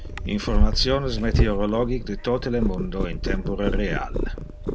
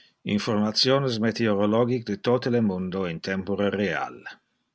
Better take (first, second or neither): second